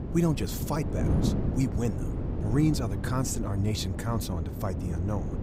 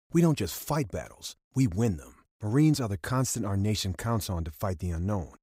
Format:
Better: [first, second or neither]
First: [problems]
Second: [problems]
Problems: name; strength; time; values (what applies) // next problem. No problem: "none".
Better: second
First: wind noise on the microphone; heavy; 5 dB below the speech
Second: none